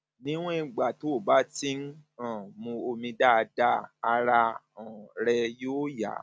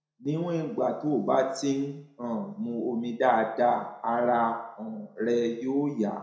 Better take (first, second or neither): first